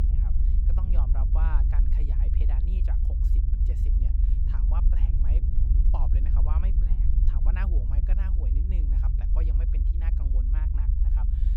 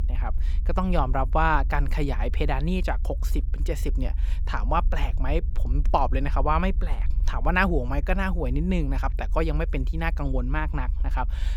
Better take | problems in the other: second | low rumble; loud; throughout; as loud as the speech; faint in the second

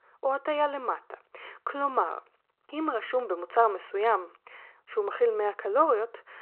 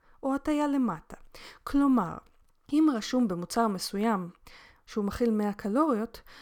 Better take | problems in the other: second | phone-call audio

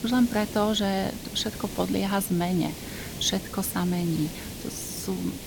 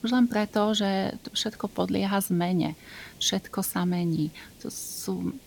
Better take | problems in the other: second | hiss; loud; throughout; 10 dB below the speech; faint in the second

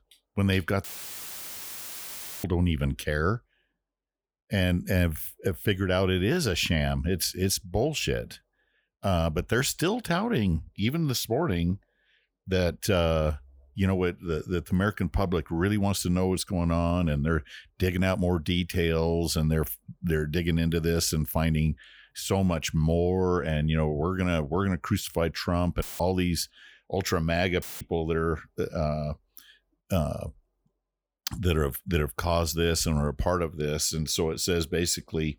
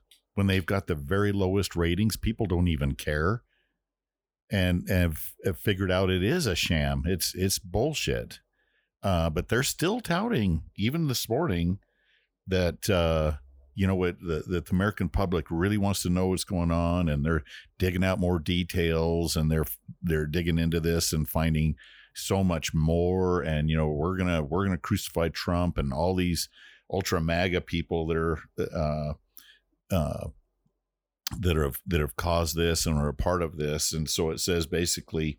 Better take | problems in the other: second | audio cutting out; filled with static; at 1 s for 1.5 s, at 26 s and at 28 s

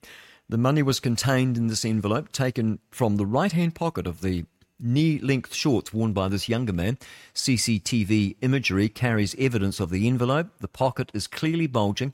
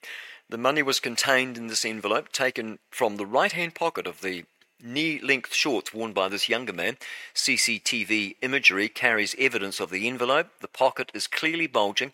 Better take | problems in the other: first | thin; very; fading below 500 Hz

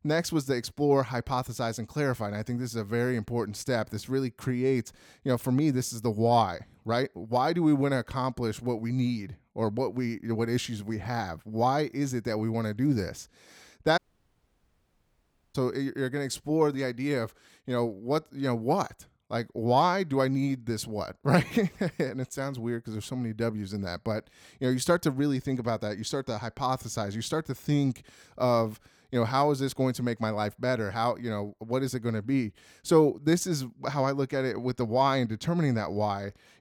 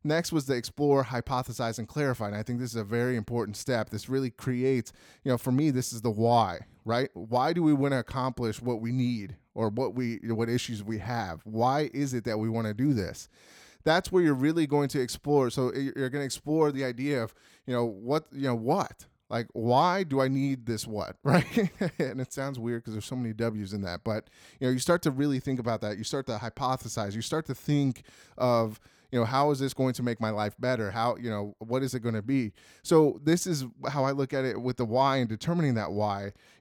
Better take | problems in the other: second | audio cutting out; at 14 s for 1.5 s

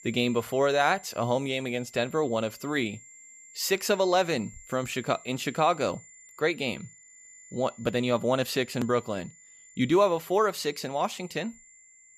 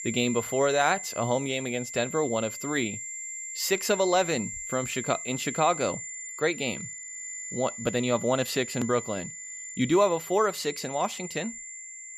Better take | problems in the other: first | high-pitched whine; loud; throughout; 7.5 kHz, 8 dB below the speech; faint in the first

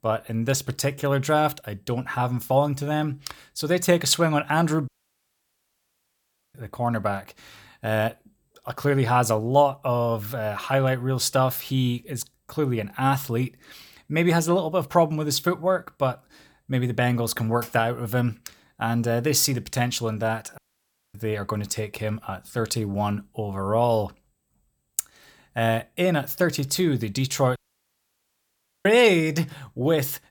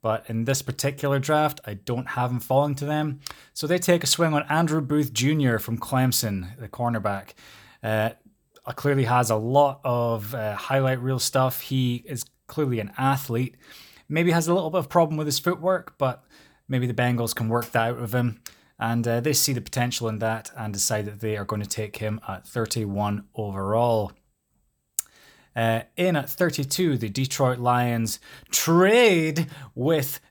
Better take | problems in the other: second | audio cutting out; at 5 s for 1.5 s, at 21 s for 0.5 s and at 28 s for 1.5 s

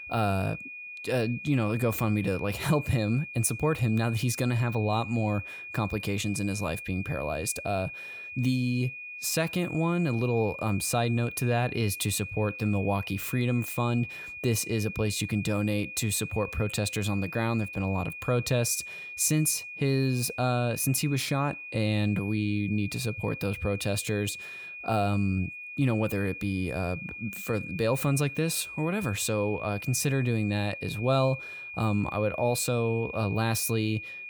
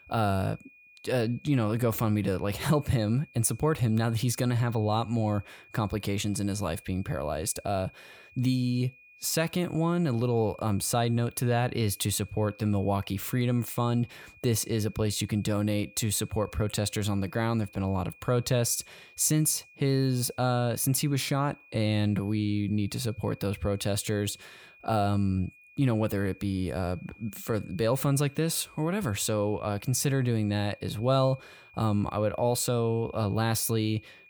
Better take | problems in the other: second | high-pitched whine; loud; throughout; 2.5 kHz, 10 dB below the speech; faint in the second

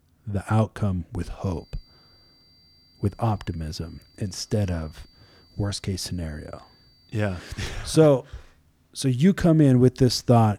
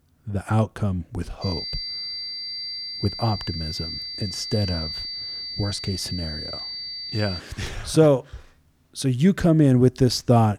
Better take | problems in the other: first | high-pitched whine; loud; from 1.5 to 7.5 s; 4.5 kHz, 6 dB below the speech; faint in the first

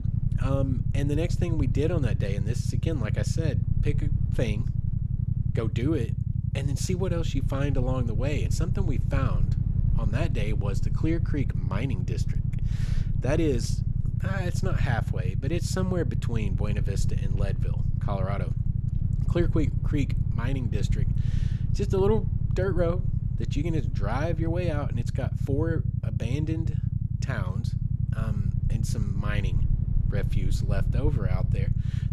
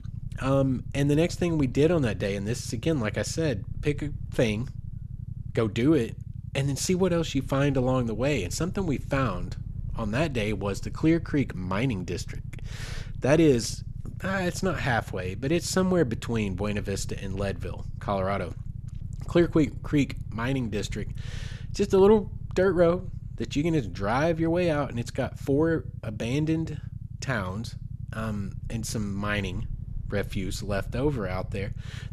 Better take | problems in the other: second | low rumble; loud; throughout; 6 dB below the speech; faint in the second

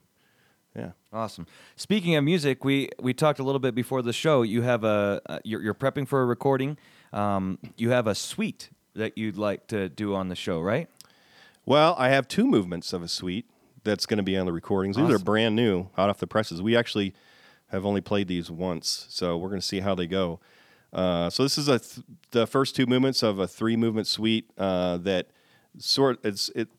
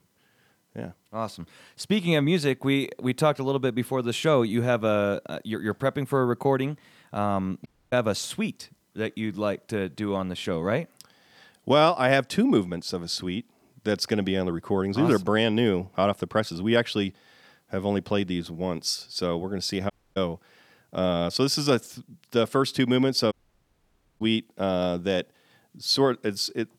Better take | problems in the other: first | audio cutting out; at 7.5 s, at 20 s and at 23 s for 1 s

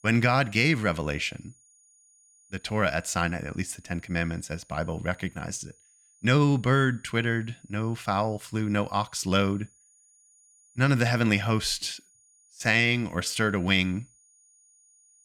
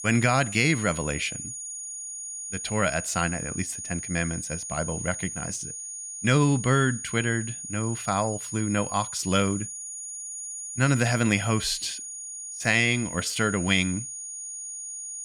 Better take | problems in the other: first | high-pitched whine; loud; throughout; 6.5 kHz, 8 dB below the speech; faint in the first

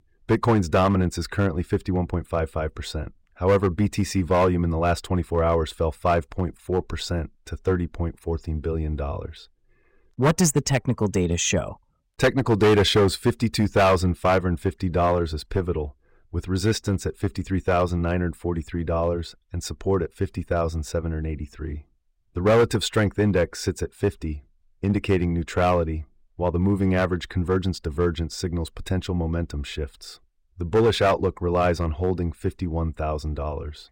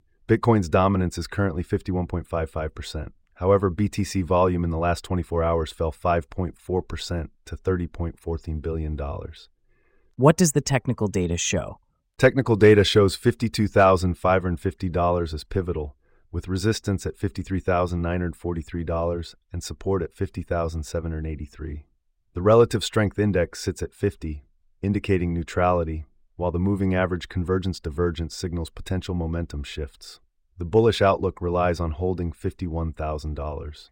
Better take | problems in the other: second | distortion; slight; 3% of the sound clipped

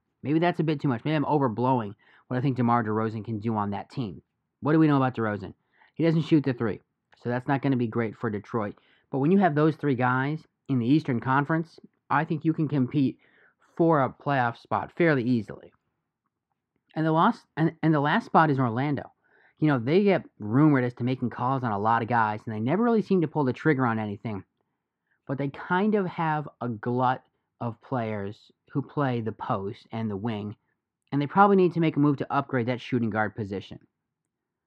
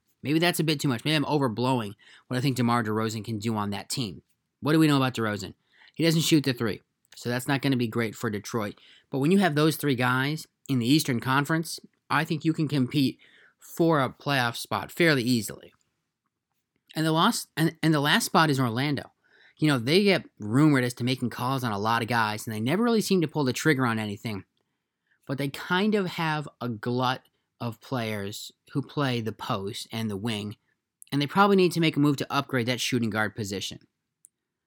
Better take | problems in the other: second | muffled; very; fading above 1.5 kHz

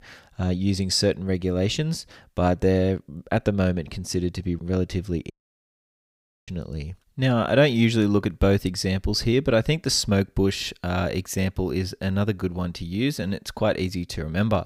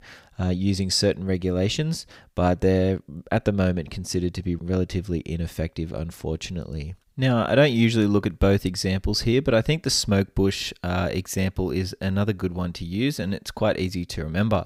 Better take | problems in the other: second | audio cutting out; at 5.5 s for 1 s

